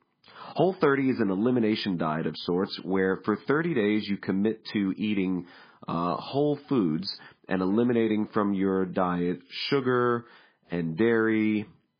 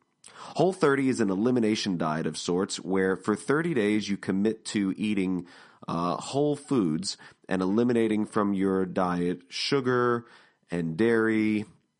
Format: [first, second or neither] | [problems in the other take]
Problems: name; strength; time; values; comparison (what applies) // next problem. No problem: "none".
second | garbled, watery; badly; nothing above 5 kHz; slightly in the second